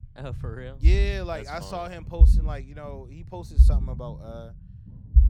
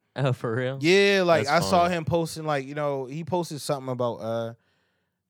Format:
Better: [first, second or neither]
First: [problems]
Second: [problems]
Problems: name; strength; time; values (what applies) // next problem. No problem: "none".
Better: second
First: low rumble; loud; throughout; 8 dB below the speech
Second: none